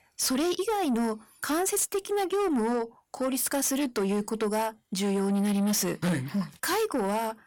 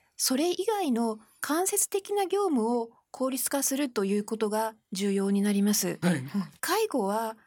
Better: second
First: distortion; slight; 10 dB below the speech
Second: none

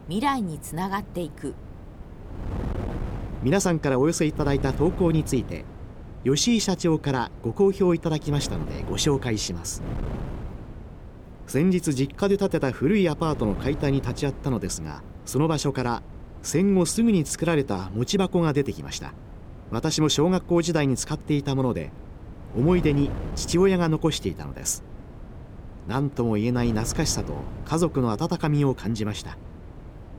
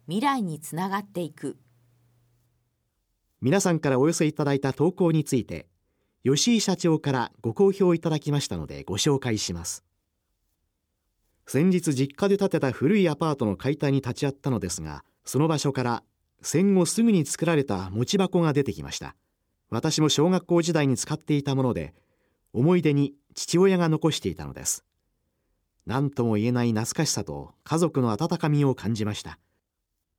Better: second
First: wind noise on the microphone; occasional gusts; 15 dB below the speech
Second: none

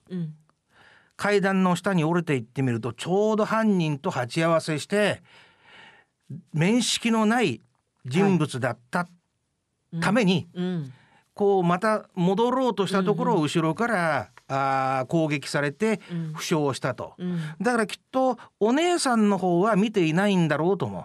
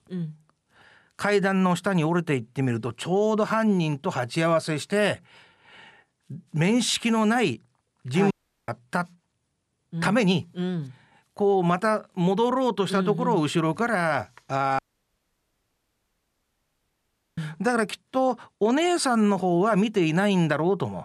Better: first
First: none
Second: audio cutting out; at 8.5 s and at 15 s for 2.5 s

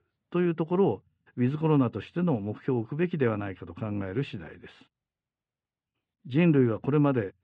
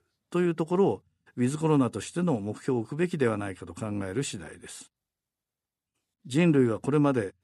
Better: second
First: muffled; very; fading above 3 kHz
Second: none

